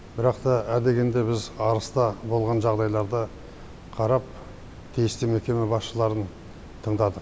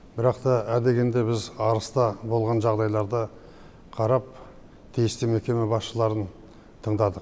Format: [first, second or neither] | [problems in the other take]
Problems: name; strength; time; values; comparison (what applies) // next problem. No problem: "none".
second | background sound (Water); 18 dB below the speech